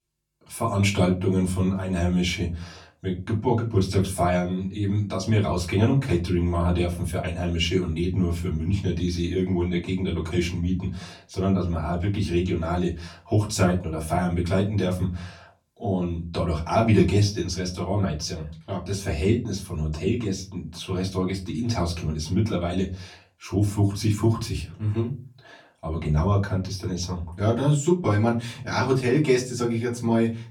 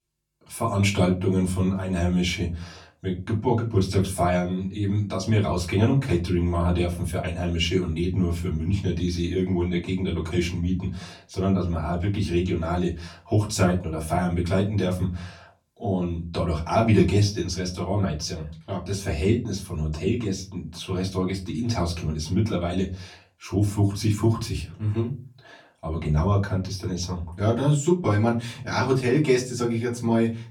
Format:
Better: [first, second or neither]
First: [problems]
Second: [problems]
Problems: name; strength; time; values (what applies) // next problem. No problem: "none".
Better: neither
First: off-mic speech; far // room echo; very slight; dies away in 0.3 s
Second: off-mic speech; far // room echo; very slight; dies away in 0.3 s